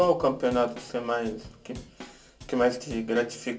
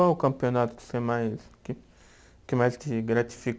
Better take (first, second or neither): second